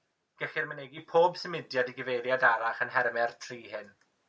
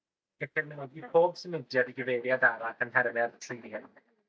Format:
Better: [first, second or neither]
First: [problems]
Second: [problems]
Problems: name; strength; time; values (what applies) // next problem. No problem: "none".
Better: first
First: none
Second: noise reduction (neural mask model DeepFilterNet 3)